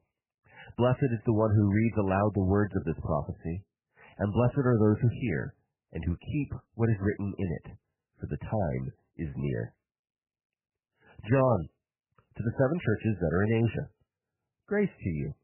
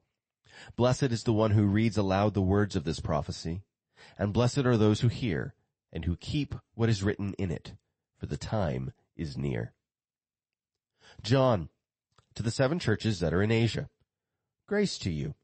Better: second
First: garbled, watery; badly; nothing above 3 kHz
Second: garbled, watery; slightly; nothing above 8 kHz

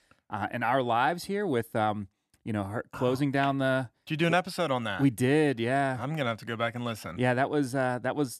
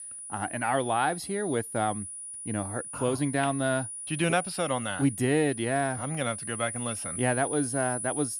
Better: first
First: none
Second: high-pitched whine; loud; throughout; 9.5 kHz, 6 dB below the speech

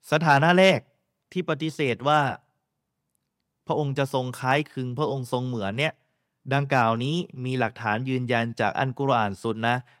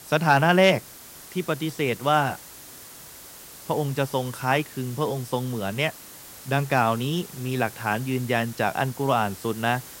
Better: first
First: none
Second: hiss; noticeable; throughout; 15 dB below the speech

